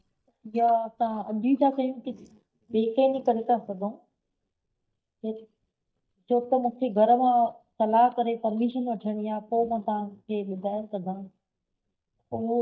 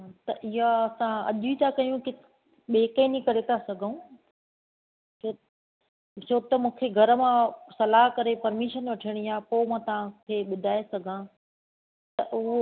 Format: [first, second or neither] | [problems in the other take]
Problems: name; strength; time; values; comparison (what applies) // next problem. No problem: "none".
second | noise reduction (neural mask model DeepFilterNet 3)